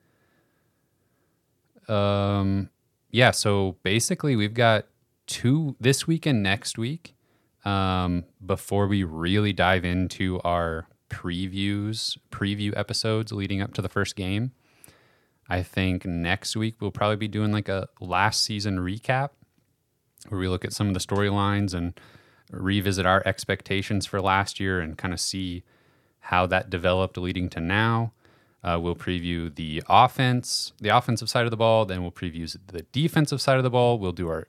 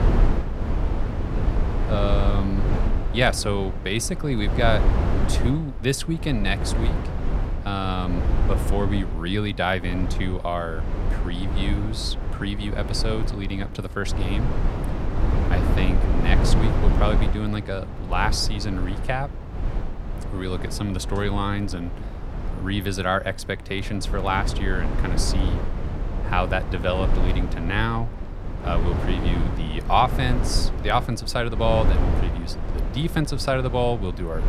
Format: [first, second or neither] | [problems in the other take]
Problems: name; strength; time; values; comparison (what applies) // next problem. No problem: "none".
first | low rumble; loud; throughout; 8 dB below the speech